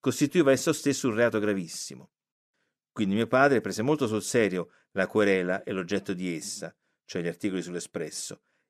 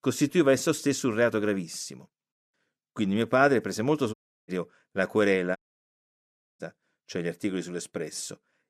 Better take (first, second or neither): first